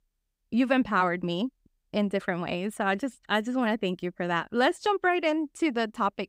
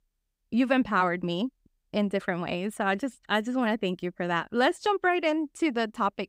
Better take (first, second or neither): neither